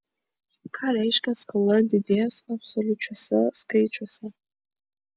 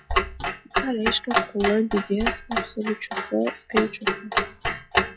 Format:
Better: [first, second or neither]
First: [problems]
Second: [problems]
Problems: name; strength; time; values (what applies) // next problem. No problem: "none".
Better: first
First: none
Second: noise reduction (classical method log-MMSE)